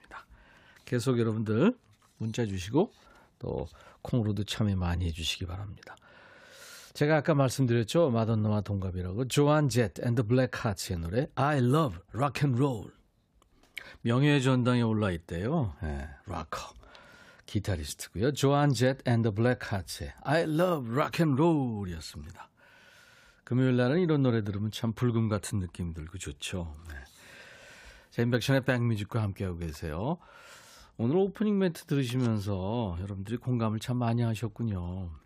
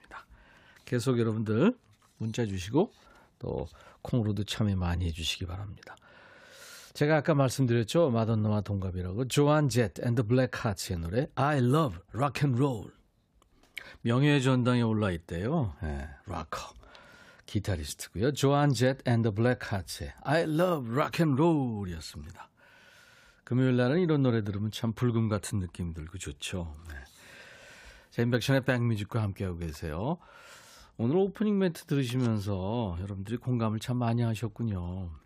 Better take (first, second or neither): neither